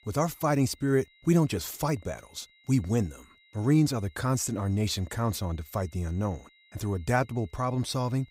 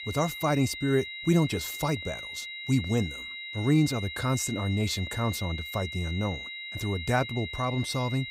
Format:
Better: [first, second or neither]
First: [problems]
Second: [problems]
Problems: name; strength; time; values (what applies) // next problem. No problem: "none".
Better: first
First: high-pitched whine; faint; throughout; 2 kHz, 30 dB below the speech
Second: high-pitched whine; loud; throughout; 2 kHz, 8 dB below the speech